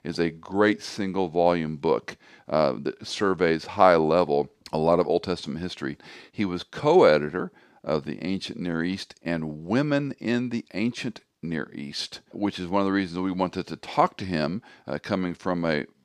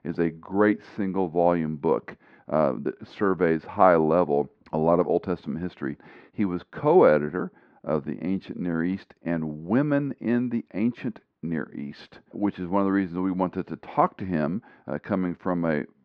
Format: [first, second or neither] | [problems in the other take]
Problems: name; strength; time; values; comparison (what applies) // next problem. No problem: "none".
first | muffled; very; fading above 1.5 kHz